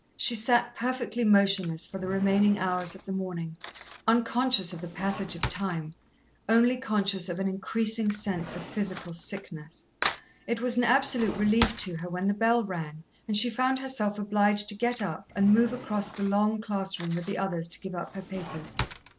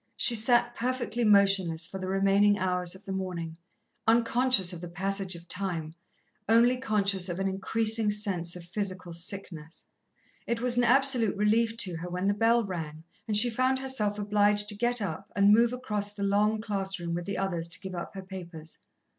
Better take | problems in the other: second | background sound (Cutlery, silverware / Drawer open or close); 13 dB below the speech

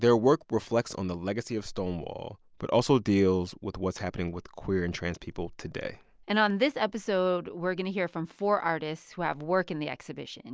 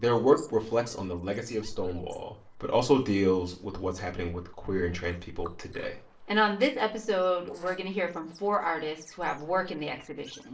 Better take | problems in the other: first | noise reduction (neural separator model SepFormer DNS4)

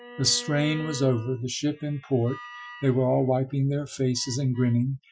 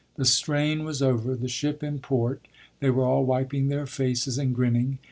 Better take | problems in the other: second | noise reduction (classical method Wiener filter)

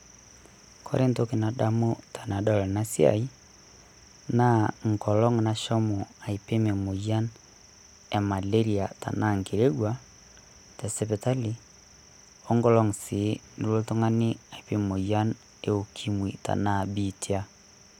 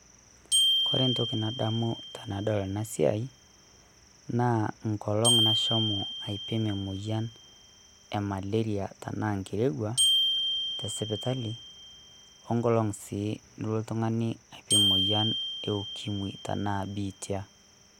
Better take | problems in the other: first | background sound (Glockenspiel); 1 dB below the speech

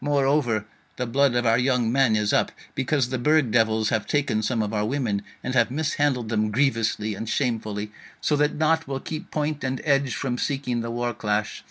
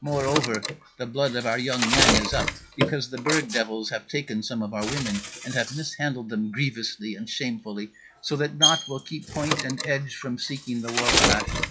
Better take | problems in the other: first | noise reduction (classical method log-MMSE)

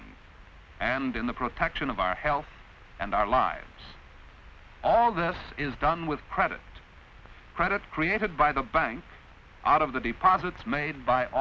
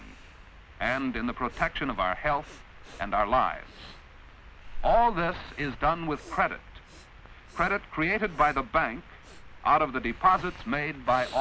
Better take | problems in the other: first | background sound (Breathing); 14 dB below the speech

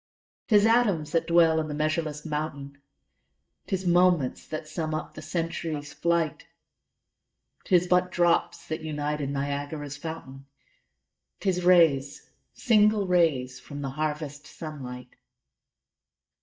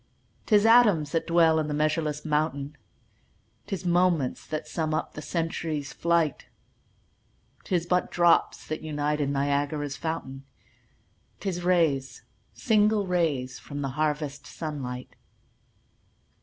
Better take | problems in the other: second | noise reduction (neural mask model DeepFilterNet 3)

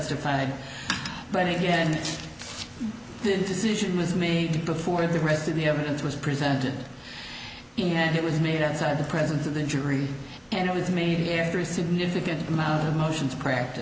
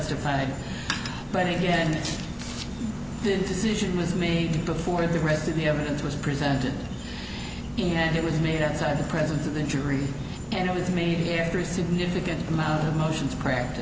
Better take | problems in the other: first | background sound (Insect); 7 dB below the speech

